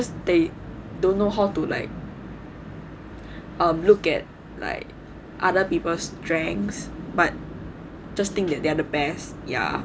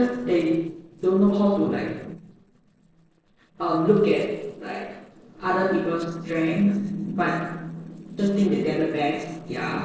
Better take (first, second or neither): first